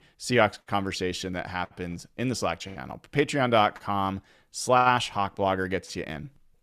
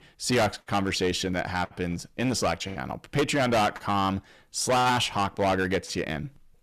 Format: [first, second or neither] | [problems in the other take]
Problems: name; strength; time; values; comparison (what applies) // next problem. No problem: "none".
first | distortion; heavy; 10% of the sound clipped